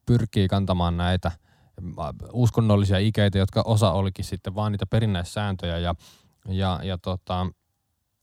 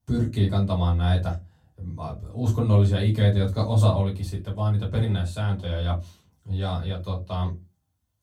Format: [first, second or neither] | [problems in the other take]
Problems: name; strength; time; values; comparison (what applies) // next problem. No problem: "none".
first | off-mic speech; far // room echo; very slight; dies away in 0.2 s